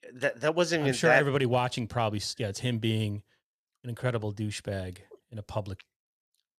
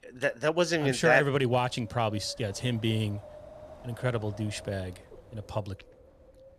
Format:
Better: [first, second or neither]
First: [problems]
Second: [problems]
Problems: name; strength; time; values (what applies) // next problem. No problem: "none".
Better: first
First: none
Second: wind noise on the microphone; occasional gusts; 20 dB below the speech